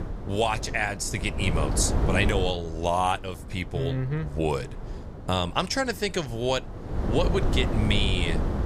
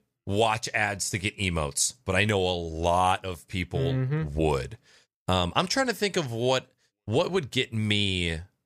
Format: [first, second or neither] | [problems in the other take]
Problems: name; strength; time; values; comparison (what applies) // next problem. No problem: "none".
second | wind noise on the microphone; heavy; 9 dB below the speech